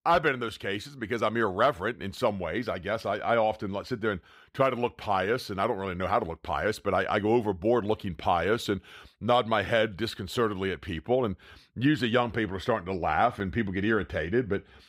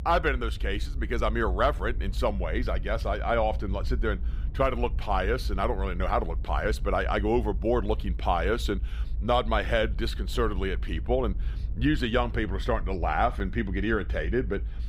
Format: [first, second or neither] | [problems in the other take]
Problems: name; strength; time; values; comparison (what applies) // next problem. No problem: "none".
first | low rumble; faint; throughout; 25 dB below the speech